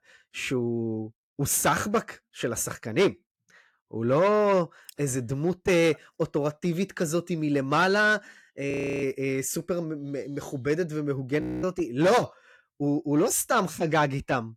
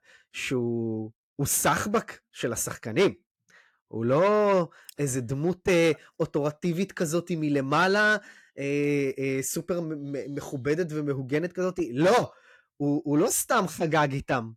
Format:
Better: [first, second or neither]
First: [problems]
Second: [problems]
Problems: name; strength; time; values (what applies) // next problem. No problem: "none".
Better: second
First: audio freezing; at 8.5 s and at 11 s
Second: none